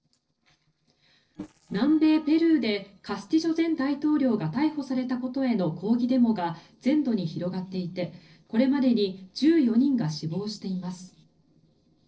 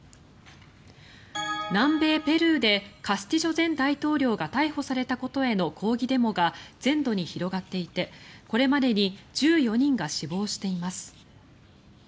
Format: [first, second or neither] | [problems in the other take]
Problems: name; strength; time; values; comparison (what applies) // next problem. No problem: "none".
second | noise reduction (neural separator model SepFormer DNS4)